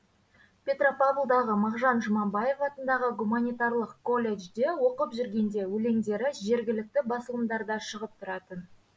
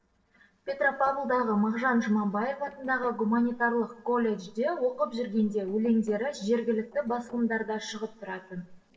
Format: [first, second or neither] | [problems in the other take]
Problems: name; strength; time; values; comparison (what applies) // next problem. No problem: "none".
first | noise reduction (neural separator model SepFormer DNS4)